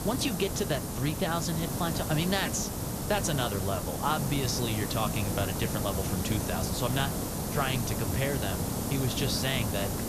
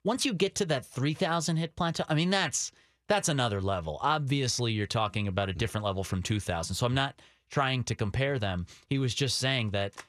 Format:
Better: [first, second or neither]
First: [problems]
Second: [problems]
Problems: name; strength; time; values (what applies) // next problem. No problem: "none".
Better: second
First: hiss; loud; throughout; 1 dB below the speech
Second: none